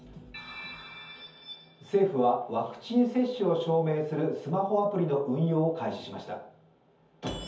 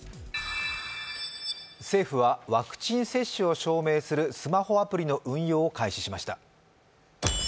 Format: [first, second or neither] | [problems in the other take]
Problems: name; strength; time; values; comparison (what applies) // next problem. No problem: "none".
second | room echo; dies away in 0.5 s